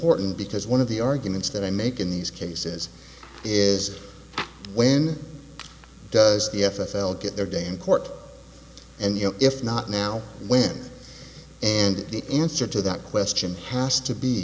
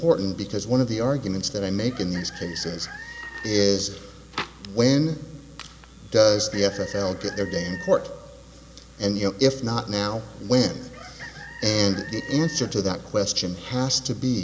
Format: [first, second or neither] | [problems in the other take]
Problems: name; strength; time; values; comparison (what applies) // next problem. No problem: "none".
first | background sound (Chicken, rooster); 18 dB below the speech